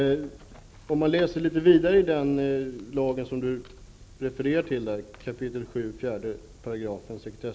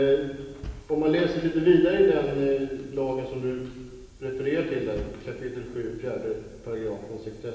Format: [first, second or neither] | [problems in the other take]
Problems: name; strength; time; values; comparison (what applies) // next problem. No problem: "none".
first | background sound (Bass drum); 16 dB below the speech // room echo; dies away in 1.3 s